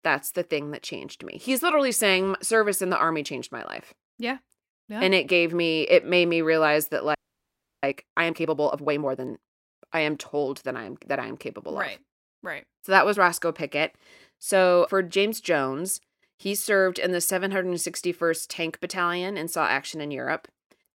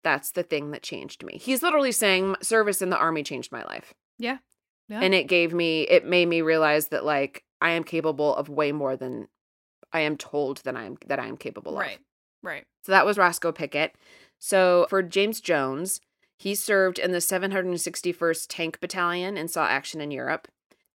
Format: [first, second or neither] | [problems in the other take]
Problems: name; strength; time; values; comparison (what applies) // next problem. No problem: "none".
second | audio freezing; at 7 s for 0.5 s